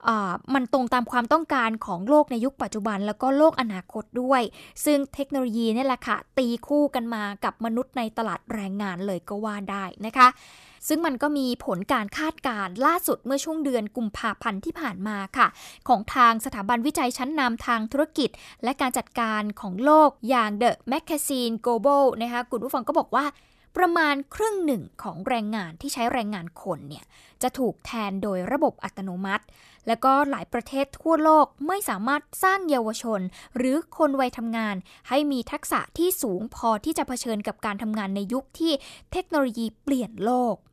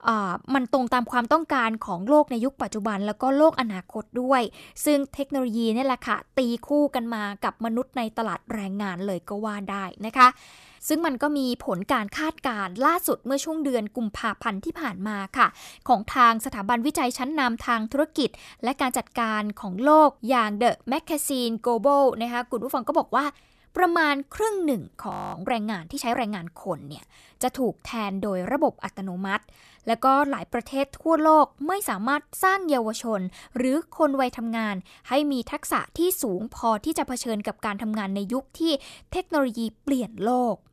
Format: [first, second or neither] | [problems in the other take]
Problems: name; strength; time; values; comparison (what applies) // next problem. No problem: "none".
first | audio freezing; at 25 s